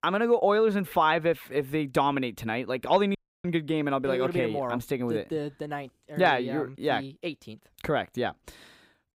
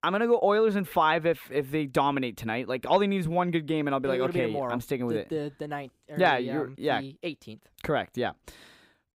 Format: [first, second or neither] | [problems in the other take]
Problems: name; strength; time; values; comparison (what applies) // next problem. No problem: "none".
second | audio cutting out; at 3 s